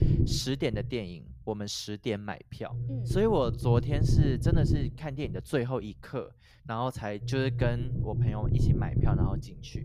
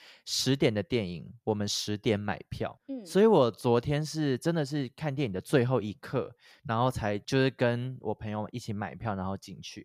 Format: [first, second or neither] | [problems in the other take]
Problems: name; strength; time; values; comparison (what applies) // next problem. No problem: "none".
second | low rumble; loud; throughout; 6 dB below the speech